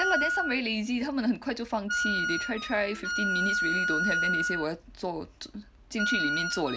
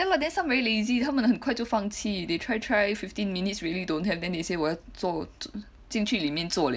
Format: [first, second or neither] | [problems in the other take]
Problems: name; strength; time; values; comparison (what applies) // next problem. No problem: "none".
second | background sound (Wind instrument, woodwind instrument); as loud as the speech